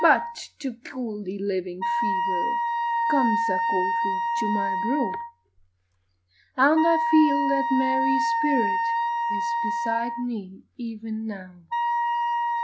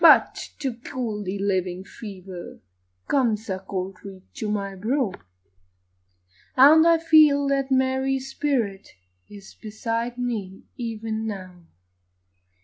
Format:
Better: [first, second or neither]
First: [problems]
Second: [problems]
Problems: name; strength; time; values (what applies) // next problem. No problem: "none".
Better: second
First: background sound (Wind instrument, woodwind instrument); 1 dB above the speech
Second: none